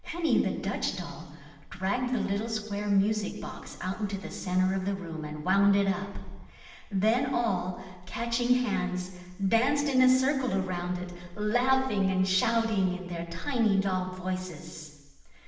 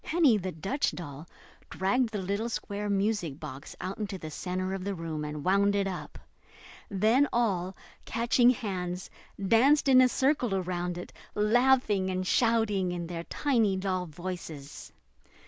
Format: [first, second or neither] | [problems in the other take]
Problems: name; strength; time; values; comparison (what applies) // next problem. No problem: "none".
second | room echo; dies away in 1.2 s